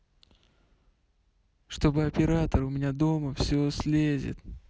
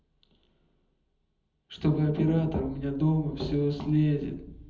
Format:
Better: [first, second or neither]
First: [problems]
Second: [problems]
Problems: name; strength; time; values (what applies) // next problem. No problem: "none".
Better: first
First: none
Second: room echo; dies away in 1.2 s